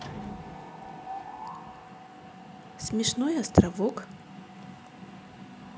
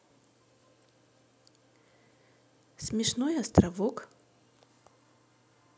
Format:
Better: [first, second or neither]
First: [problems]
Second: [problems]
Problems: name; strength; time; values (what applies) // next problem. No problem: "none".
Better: second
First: background sound (Mechanisms); 11 dB below the speech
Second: none